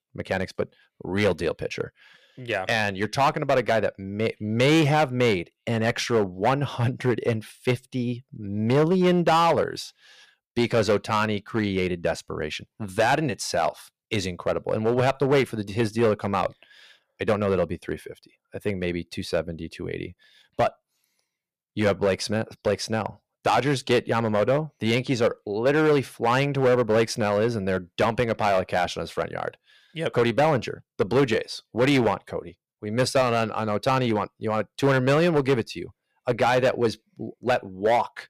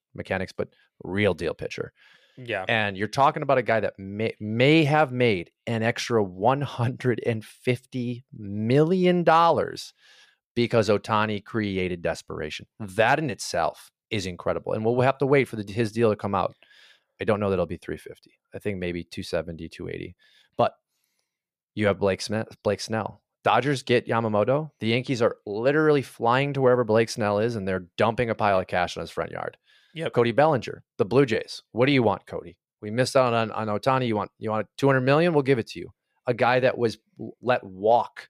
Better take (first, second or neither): second